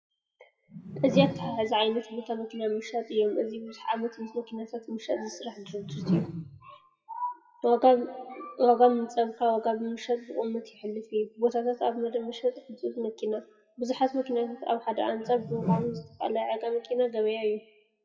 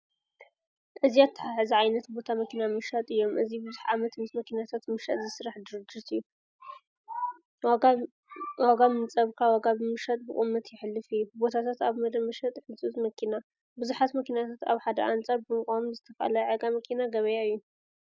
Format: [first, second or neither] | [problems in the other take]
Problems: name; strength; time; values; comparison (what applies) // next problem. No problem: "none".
second | noise reduction (classical method WPE with log-MMSE)